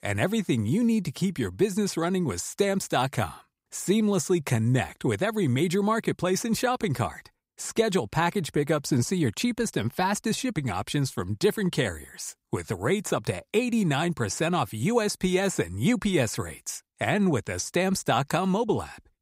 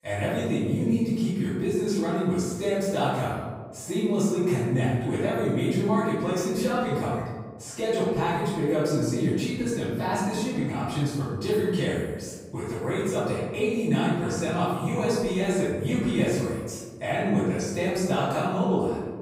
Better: first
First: none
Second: off-mic speech; far // room echo; strong; dies away in 1.4 s

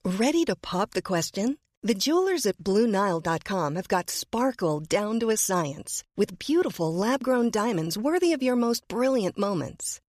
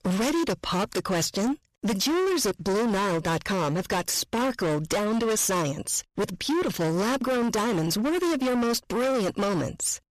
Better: first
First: none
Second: distortion; heavy; 32% of the sound clipped

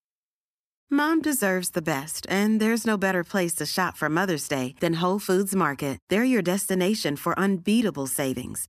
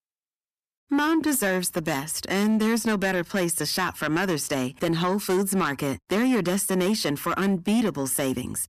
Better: first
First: none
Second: distortion; slight; 10 dB below the speech

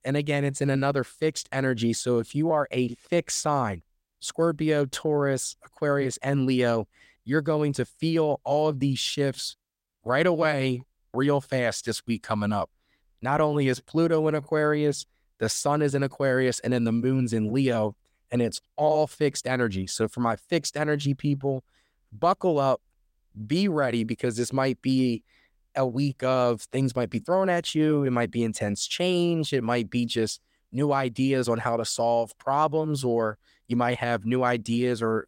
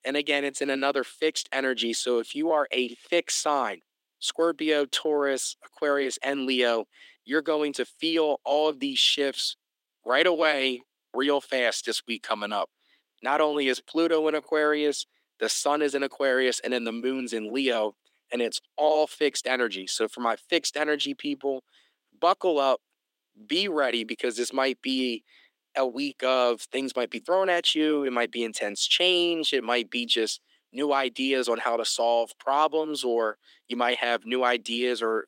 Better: first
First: none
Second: thin; somewhat; fading below 300 Hz

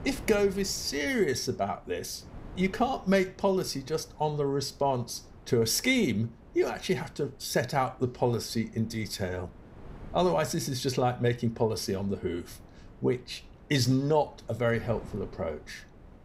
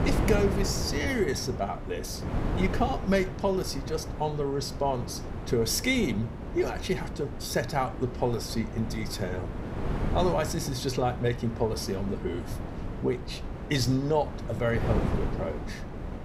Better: first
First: wind noise on the microphone; occasional gusts; 25 dB below the speech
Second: wind noise on the microphone; heavy; 9 dB below the speech

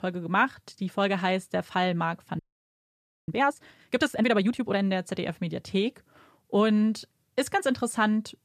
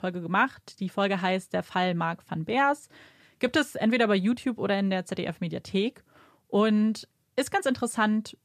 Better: second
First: audio freezing; at 2.5 s for 1 s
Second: none

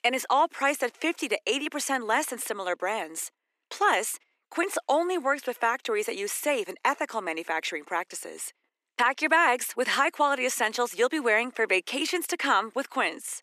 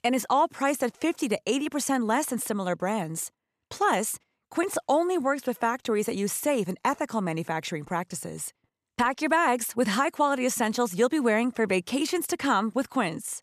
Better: second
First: thin; somewhat; fading below 300 Hz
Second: none

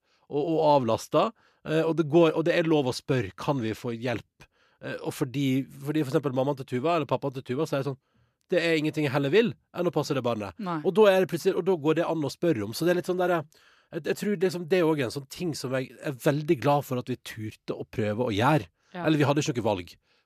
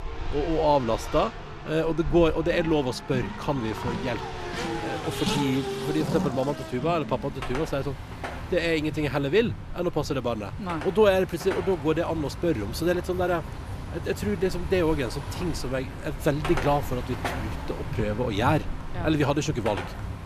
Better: first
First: none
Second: traffic noise; loud; throughout; 8 dB below the speech

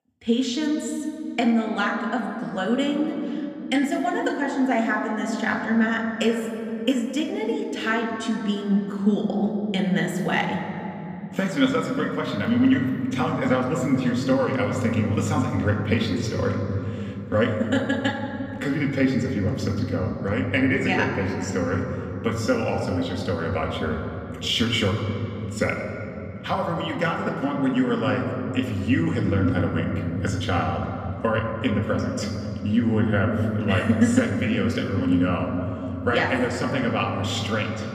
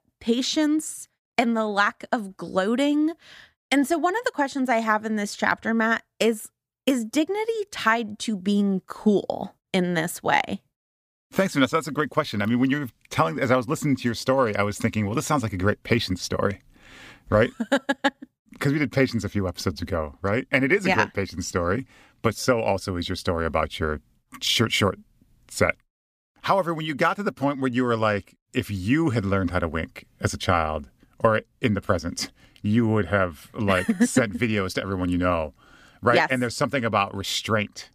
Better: second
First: room echo; noticeable; dies away in 3 s // off-mic speech; somewhat distant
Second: none

